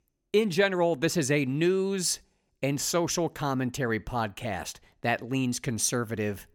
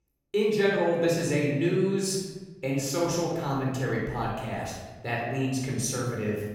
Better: first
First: none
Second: room echo; noticeable; dies away in 1.2 s // off-mic speech; far

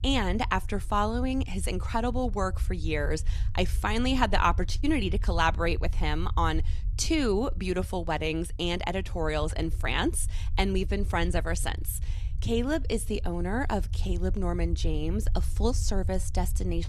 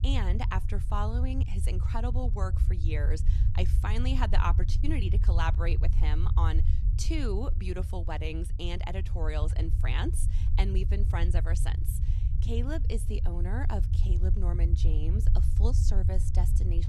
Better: first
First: low rumble; faint; throughout; 20 dB below the speech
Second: low rumble; loud; throughout; 8 dB below the speech

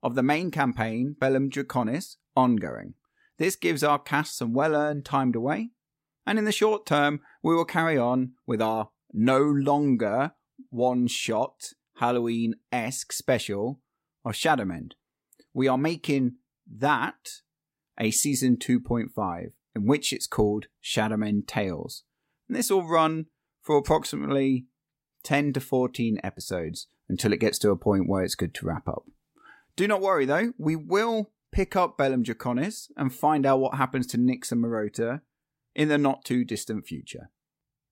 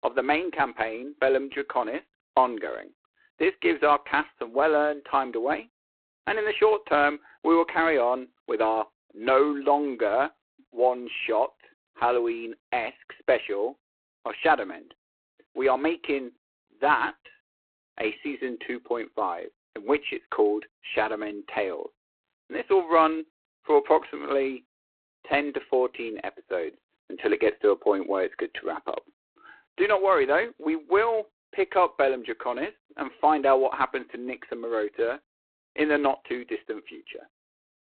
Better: first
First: none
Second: phone-call audio; poor line; nothing above 4 kHz

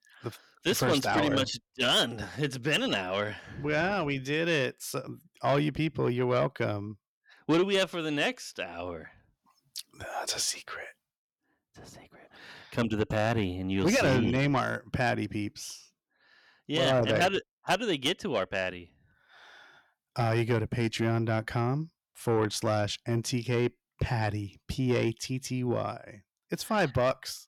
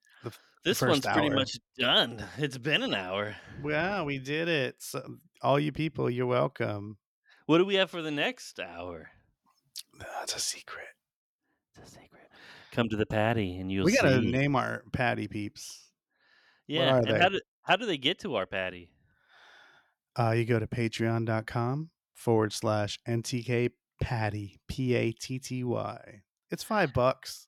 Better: second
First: distortion; slight; 10 dB below the speech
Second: none

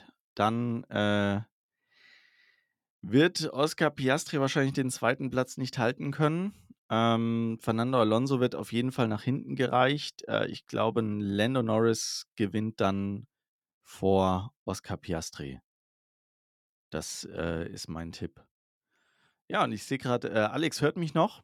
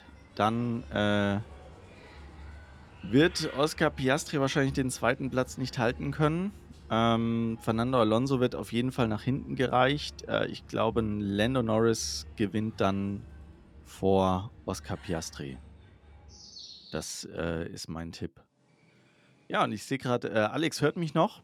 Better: first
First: none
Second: animal sounds; faint; throughout; 20 dB below the speech

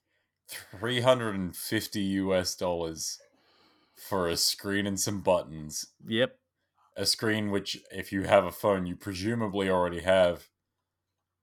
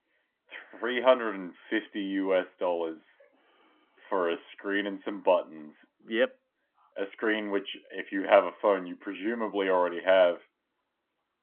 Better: first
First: none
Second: phone-call audio; nothing above 3.5 kHz

